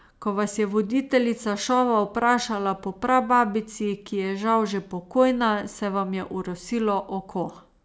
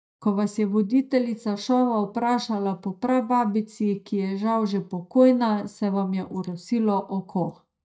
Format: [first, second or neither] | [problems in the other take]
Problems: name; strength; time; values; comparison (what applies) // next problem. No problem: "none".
first | noise reduction (neural mask model DeepFilterNet 3)